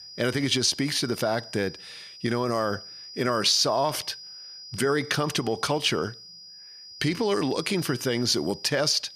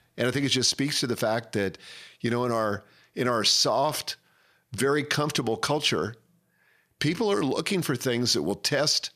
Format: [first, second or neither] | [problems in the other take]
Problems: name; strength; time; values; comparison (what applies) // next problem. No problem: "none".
second | high-pitched whine; noticeable; throughout; 5 kHz, 15 dB below the speech